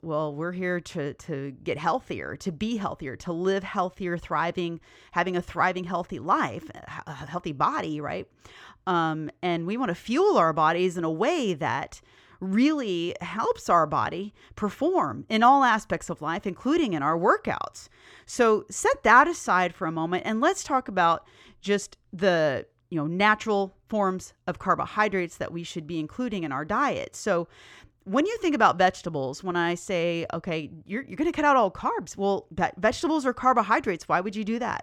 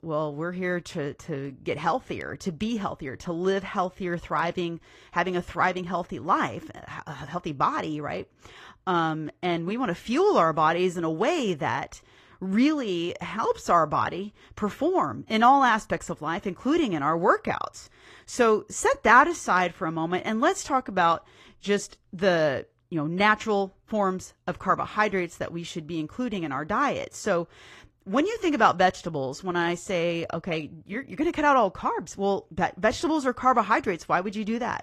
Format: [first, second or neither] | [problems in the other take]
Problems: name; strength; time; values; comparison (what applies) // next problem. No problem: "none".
first | garbled, watery; slightly; nothing above 12.5 kHz